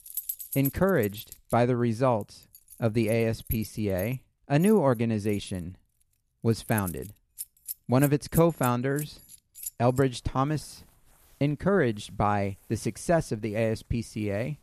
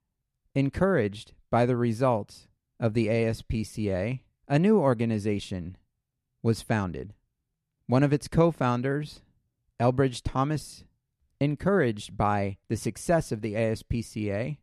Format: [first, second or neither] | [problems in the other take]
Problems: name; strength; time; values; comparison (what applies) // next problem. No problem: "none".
second | household noises; noticeable; throughout; 15 dB below the speech